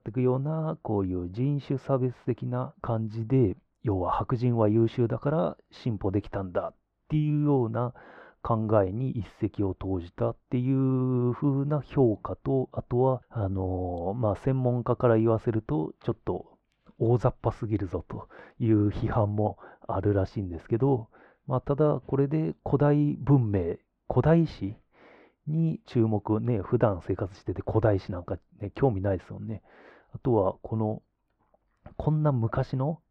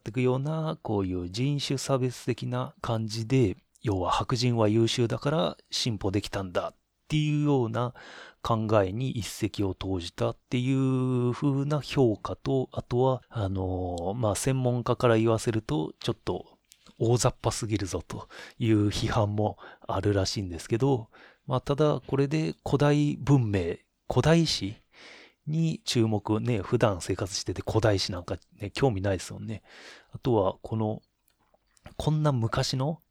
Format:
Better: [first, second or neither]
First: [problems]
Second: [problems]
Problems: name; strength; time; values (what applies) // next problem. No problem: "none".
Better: second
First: muffled; very; fading above 3.5 kHz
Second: none